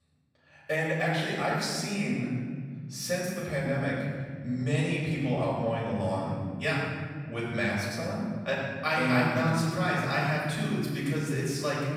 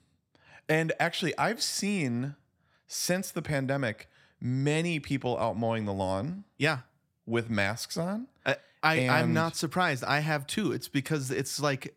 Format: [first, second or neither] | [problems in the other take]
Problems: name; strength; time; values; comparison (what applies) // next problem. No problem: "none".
second | room echo; strong; dies away in 2.2 s // off-mic speech; far